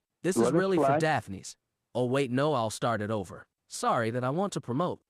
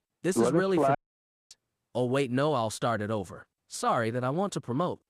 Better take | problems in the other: first | audio cutting out; at 1 s for 0.5 s

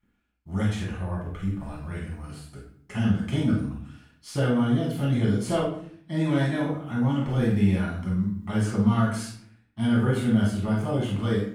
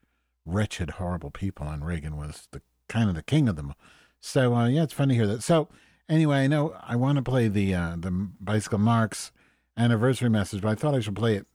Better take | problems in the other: second | room echo; noticeable; dies away in 0.5 s // off-mic speech; far

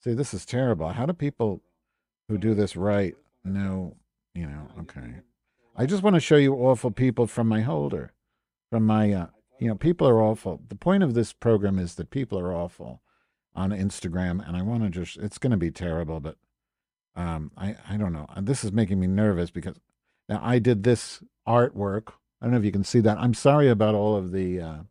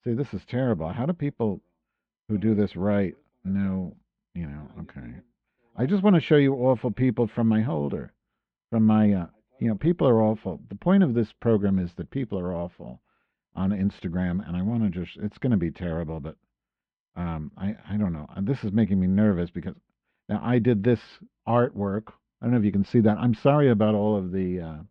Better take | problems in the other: first | muffled; slightly; fading above 3.5 kHz

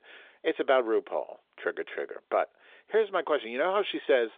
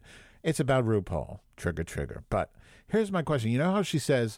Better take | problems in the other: second | phone-call audio; nothing above 3.5 kHz

